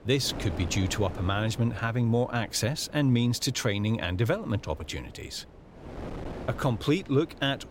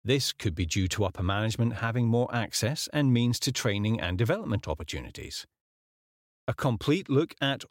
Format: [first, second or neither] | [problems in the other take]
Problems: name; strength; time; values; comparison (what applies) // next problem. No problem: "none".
second | wind noise on the microphone; occasional gusts; 15 dB below the speech